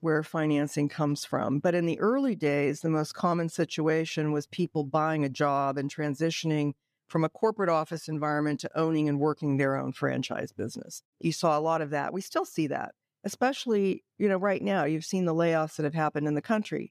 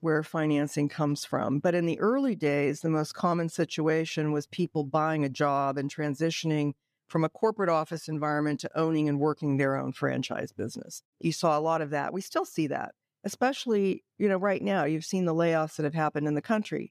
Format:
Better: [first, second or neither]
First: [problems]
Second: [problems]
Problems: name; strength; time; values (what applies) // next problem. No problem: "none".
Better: neither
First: none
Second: none